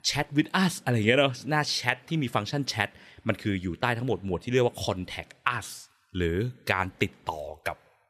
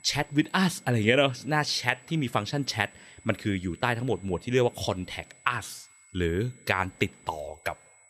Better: first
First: none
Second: high-pitched whine; faint; throughout; 8 kHz, 25 dB below the speech

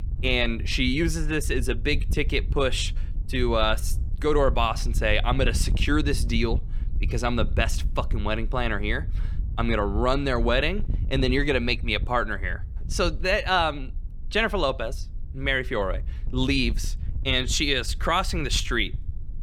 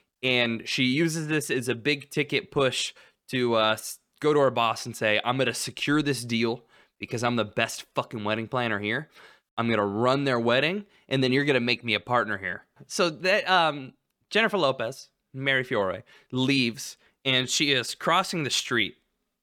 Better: second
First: wind noise on the microphone; occasional gusts; 25 dB below the speech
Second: none

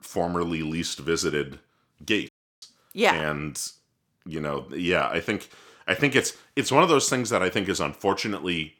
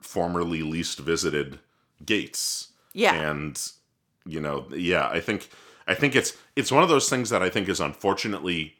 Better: second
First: audio cutting out; at 2.5 s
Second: none

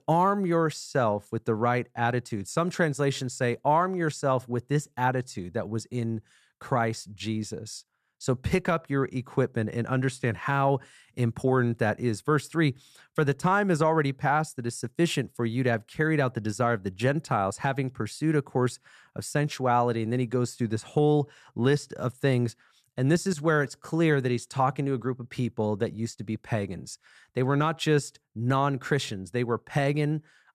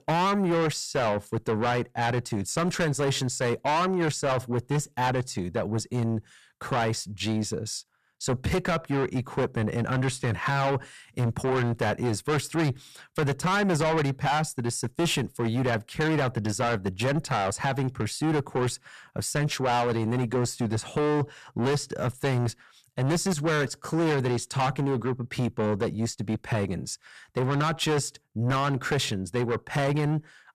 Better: first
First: none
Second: distortion; heavy; 5 dB below the speech

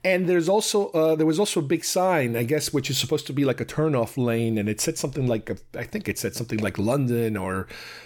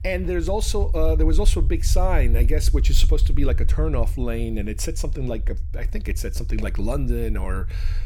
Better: first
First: none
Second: low rumble; noticeable; throughout; 15 dB below the speech

